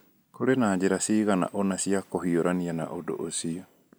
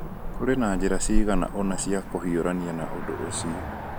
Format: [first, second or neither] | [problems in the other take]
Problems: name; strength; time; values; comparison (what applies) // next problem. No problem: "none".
first | background sound (Cricket / Motor vehicle (road)); 1 dB below the speech